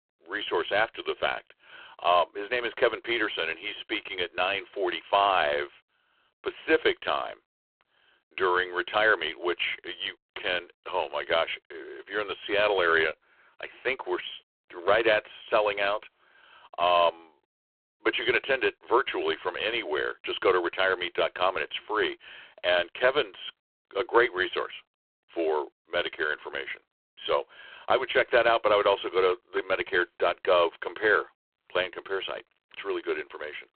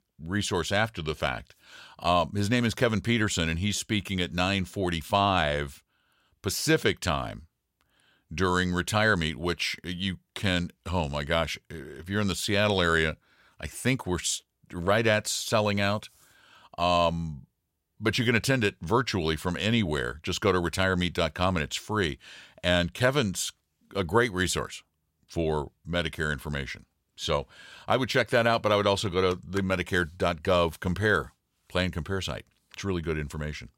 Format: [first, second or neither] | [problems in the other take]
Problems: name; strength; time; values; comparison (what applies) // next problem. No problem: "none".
second | phone-call audio; poor line